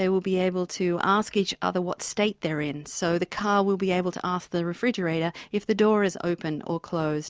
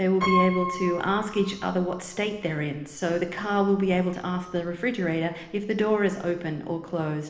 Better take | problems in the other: first | background sound (Piano); 10 dB below the speech // room echo; dies away in 1.1 s

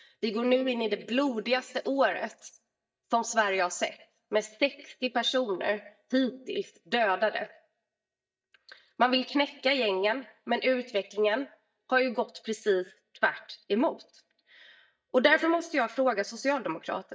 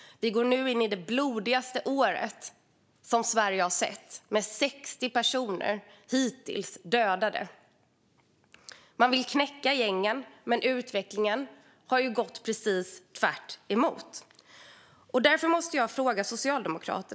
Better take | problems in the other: second | noise reduction (neural mask model DeepFilterNet 3)

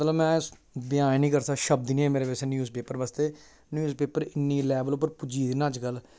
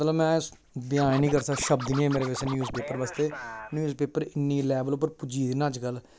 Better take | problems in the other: first | background sound (Scratching (performance technique)); 11 dB below the speech

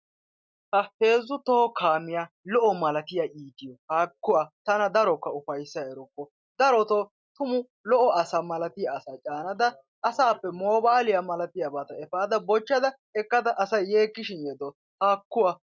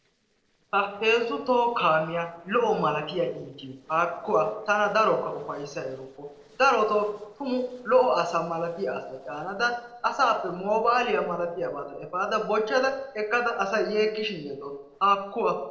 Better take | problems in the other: first | noise reduction (neural separator model SepFormer DNS4)

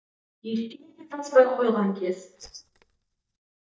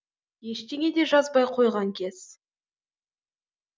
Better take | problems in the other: second | noise reduction (neural mask model DeepFilterNet 3)

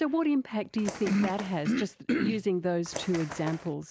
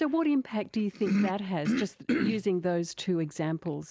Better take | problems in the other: second | background sound (Bird); 12 dB below the speech

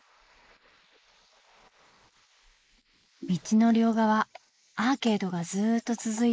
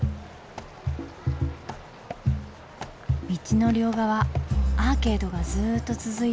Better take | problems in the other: second | noise reduction (neural mask model Resemble Enhance denoiser)

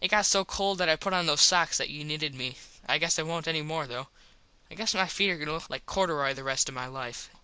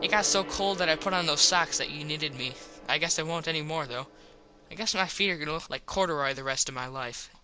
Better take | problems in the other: first | background sound (Gong); 16 dB below the speech

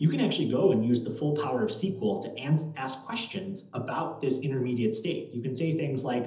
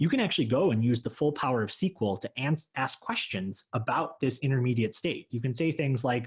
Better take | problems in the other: second | room echo; dies away in 1.2 s

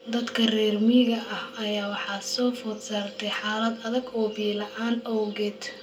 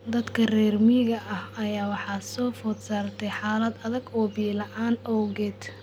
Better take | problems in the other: second | room echo; dies away in 0.2 s

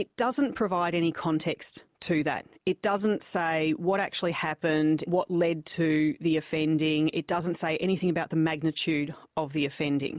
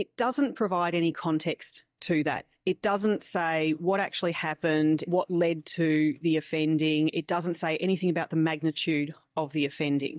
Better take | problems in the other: first | noise reduction (neural mask model DeepFilterNet 3)

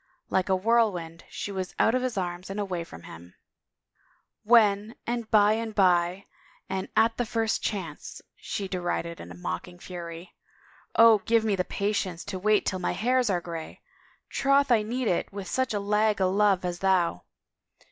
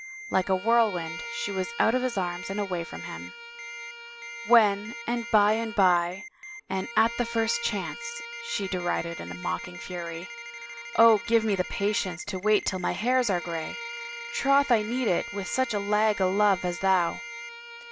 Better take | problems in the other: first | background sound (Bowed string instrument + Ringtone); 12 dB below the speech

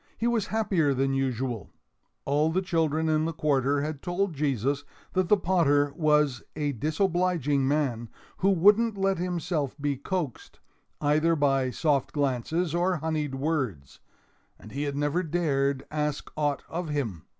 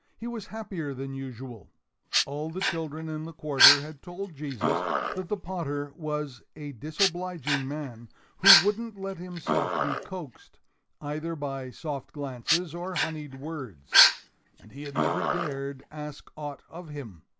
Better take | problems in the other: first | background sound (Dog); 5 dB above the speech

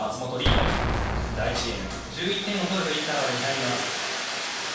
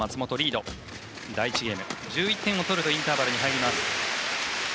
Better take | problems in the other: second | background sound (Explosion); as loud as the speech // room echo; dies away in 0.7 s

